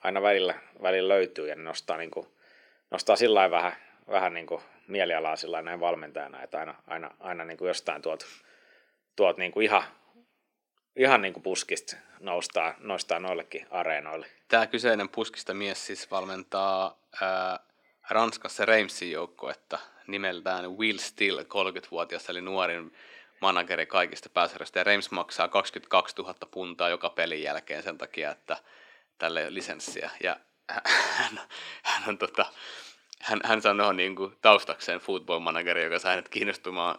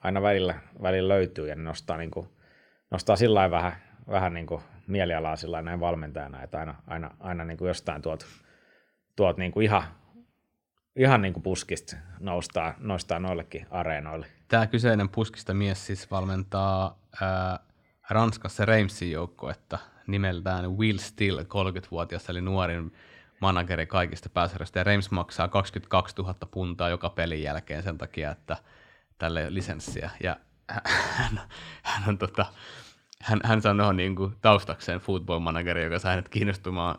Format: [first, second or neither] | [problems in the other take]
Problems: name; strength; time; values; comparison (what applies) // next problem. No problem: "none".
second | thin; somewhat; fading below 300 Hz